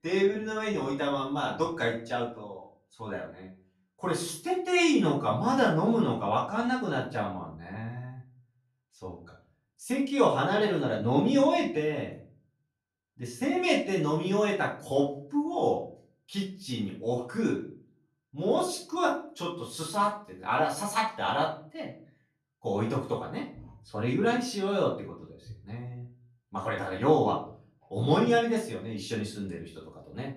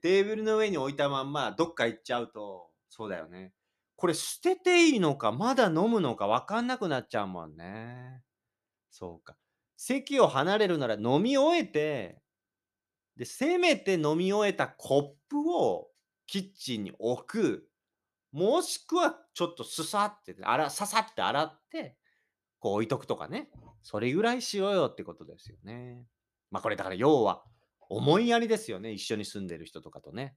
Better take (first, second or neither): second